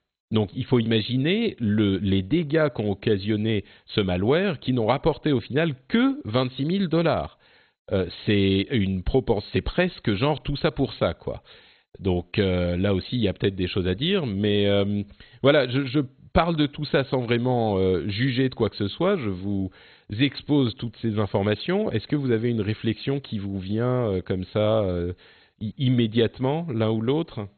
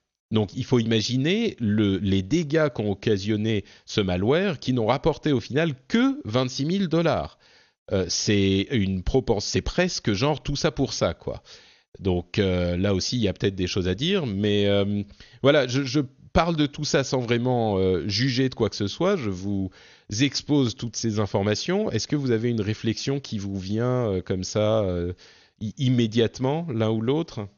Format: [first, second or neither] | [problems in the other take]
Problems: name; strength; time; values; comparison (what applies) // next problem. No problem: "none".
second | garbled, watery; badly; nothing above 4 kHz; slightly in the second